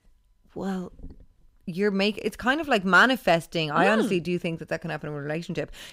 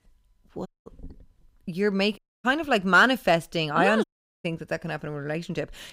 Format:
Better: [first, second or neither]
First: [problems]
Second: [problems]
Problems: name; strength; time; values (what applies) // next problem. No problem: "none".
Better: first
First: none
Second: audio cutting out; at 0.5 s, at 2 s and at 4 s